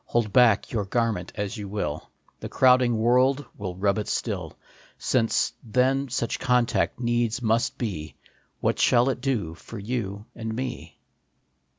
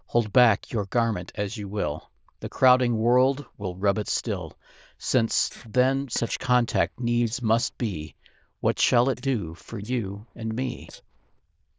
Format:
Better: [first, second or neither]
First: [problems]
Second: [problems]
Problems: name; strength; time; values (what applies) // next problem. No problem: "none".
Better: first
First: none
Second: noise reduction (neural diffusion model UNIVERSE++)